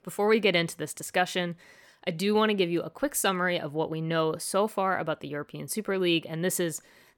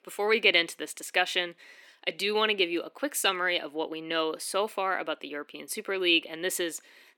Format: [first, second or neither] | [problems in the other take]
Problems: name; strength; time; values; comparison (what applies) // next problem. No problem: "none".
first | thin; somewhat; fading below 300 Hz